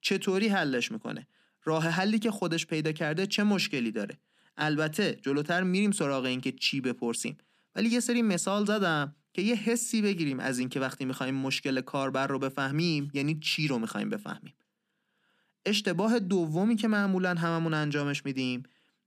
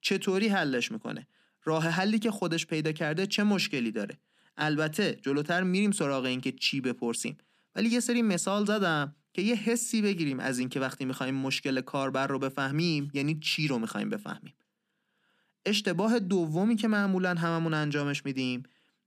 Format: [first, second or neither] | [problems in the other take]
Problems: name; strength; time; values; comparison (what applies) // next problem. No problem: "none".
neither | none